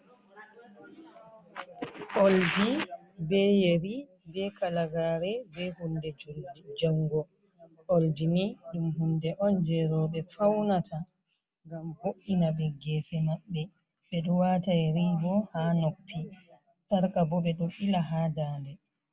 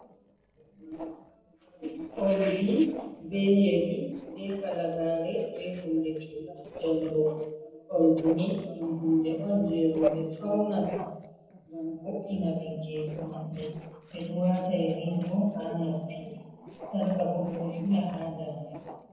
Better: first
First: none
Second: noise reduction (neural separator model SepFormer DNS4)

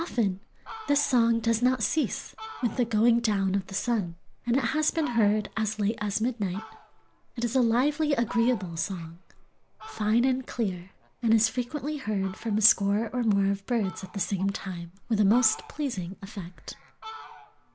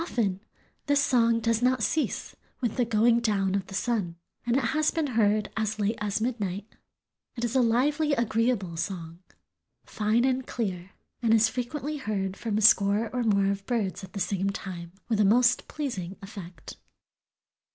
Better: second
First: background sound (Fowl); 19 dB below the speech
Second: none

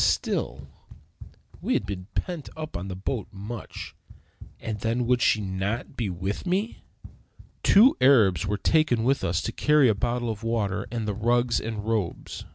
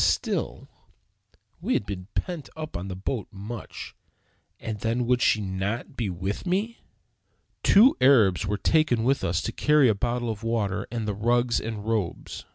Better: second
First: background sound (Run); 19 dB below the speech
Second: none

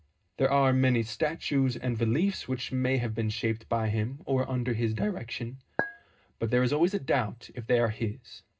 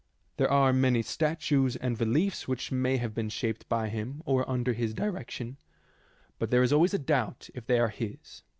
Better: second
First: background sound (Chink, clink); 6 dB below the speech // room echo; dies away in 0.2 s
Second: none

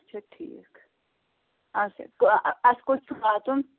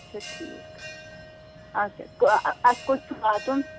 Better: first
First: none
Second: background sound (Bell); 16 dB below the speech

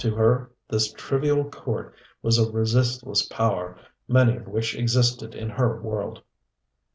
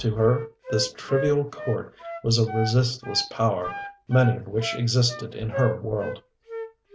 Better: first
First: none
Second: background sound (Wind instrument, woodwind instrument); 10 dB below the speech

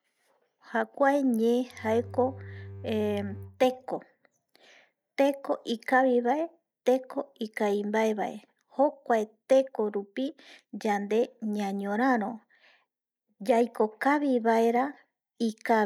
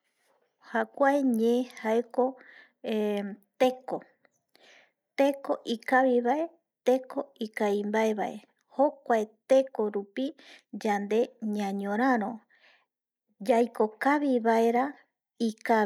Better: second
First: background sound (Bowed string instrument); 15 dB below the speech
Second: none

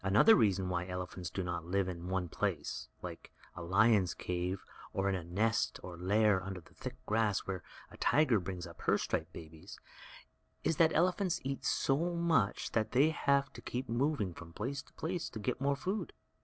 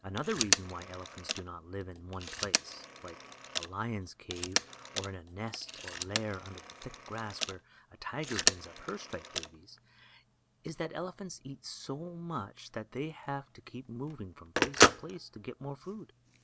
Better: first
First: none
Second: background sound (Telephone); 5 dB above the speech

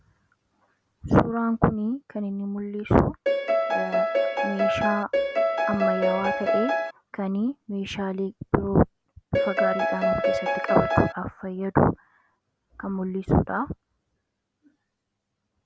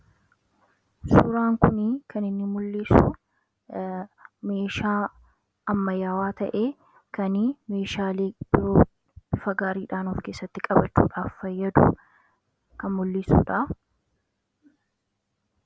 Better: second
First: background sound (Piano); 3 dB above the speech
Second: none

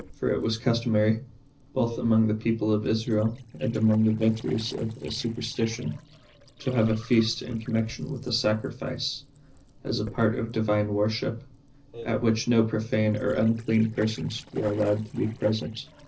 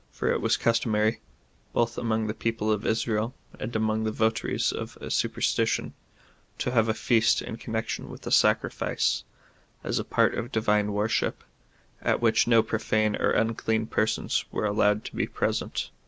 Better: second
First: noise reduction (neural separator model SepFormer DNS4)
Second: none

